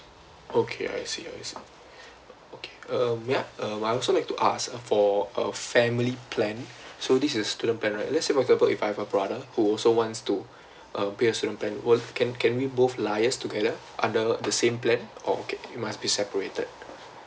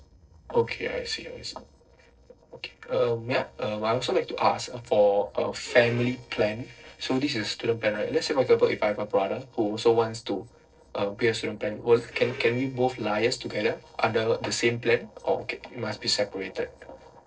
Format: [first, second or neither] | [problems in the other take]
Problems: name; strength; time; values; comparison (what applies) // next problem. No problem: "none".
first | noise reduction (neural separator model SepFormer DNS4)